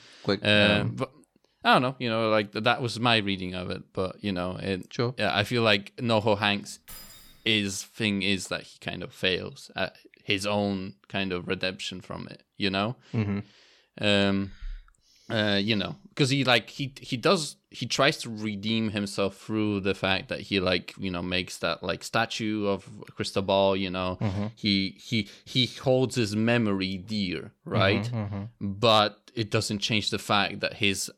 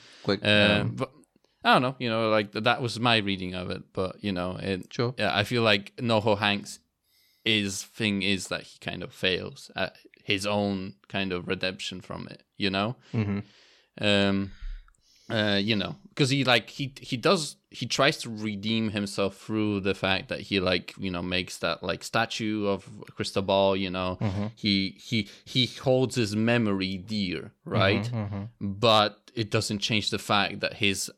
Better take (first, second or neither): second